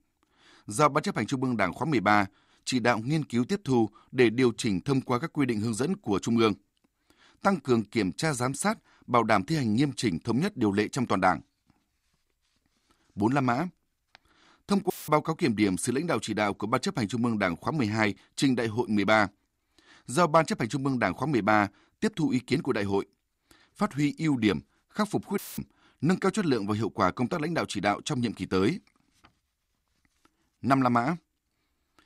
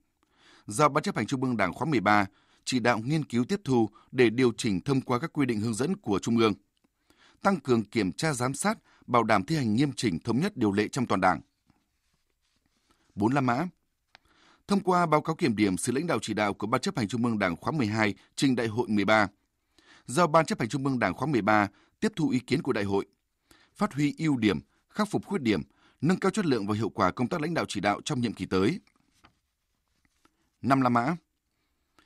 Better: second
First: audio cutting out; filled with static; at 15 s and at 25 s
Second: none

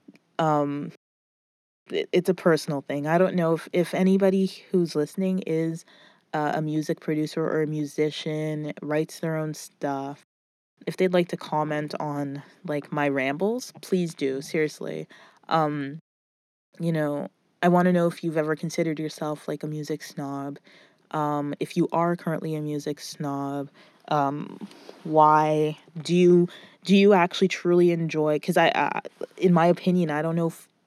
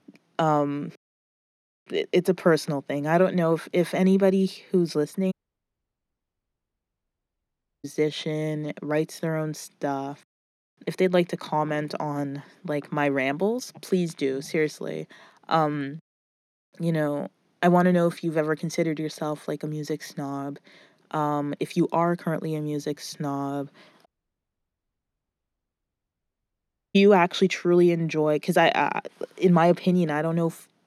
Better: first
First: none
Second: audio cutting out; at 5.5 s for 2.5 s and at 24 s for 3 s

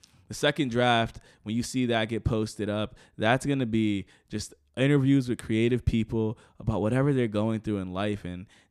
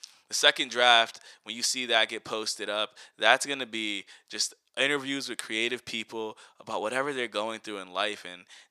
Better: first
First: none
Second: thin; very; fading below 750 Hz

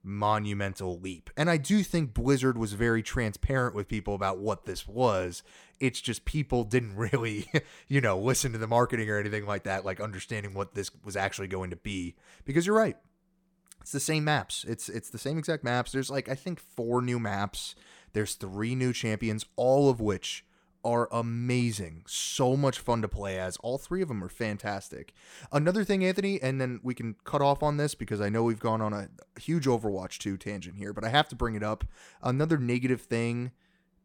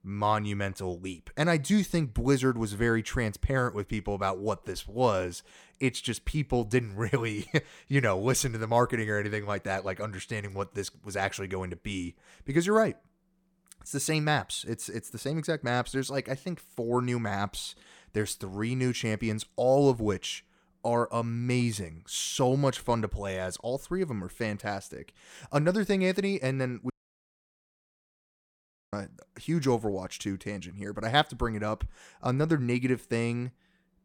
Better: first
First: none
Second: audio cutting out; at 27 s for 2 s

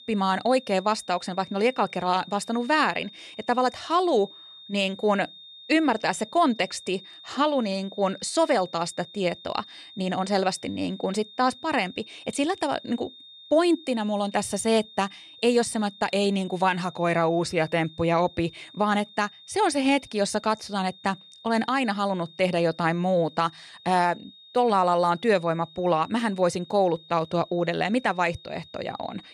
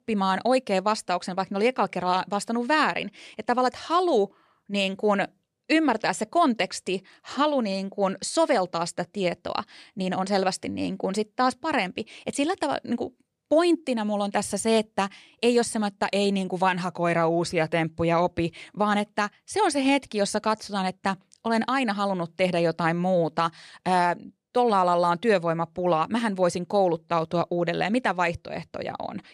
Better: second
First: high-pitched whine; noticeable; throughout; 3.5 kHz, 20 dB below the speech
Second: none

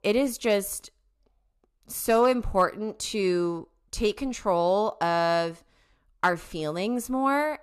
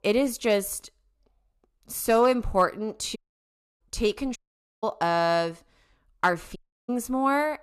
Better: first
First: none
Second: audio cutting out; at 3 s for 0.5 s, at 4.5 s and at 6.5 s

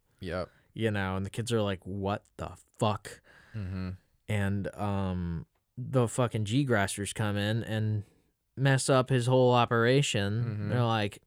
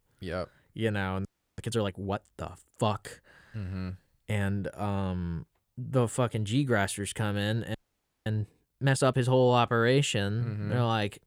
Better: first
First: none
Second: audio freezing; at 1.5 s and at 7.5 s for 0.5 s

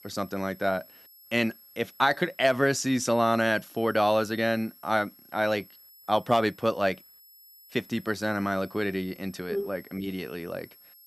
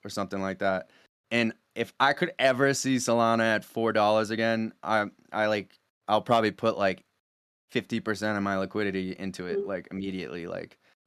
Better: second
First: high-pitched whine; faint; throughout; 11.5 kHz, 25 dB below the speech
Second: none

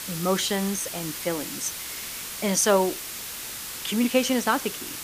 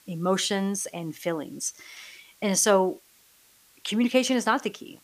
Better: second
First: hiss; loud; throughout; 7 dB below the speech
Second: hiss; faint; throughout; 30 dB below the speech

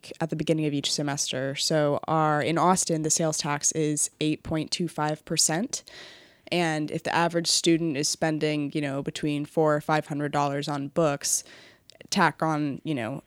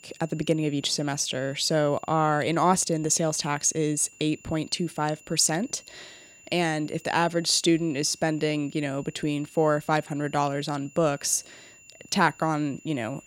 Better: first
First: none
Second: high-pitched whine; faint; throughout; 2.5 kHz, 25 dB below the speech

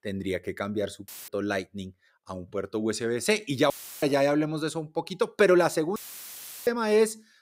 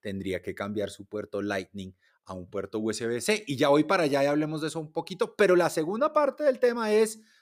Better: second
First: audio cutting out; filled with static; at 1 s, at 3.5 s and at 6 s for 0.5 s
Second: none

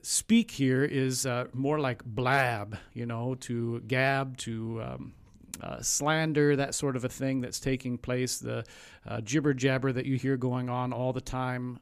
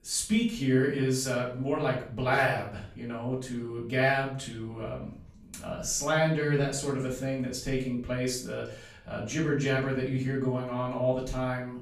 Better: first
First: none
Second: off-mic speech; far // room echo; slight; dies away in 0.4 s

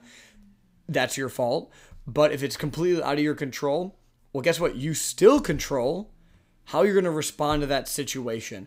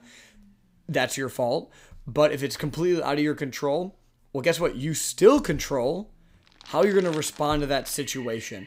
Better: first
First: none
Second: household noises; noticeable; from 6.5 s on; 20 dB below the speech

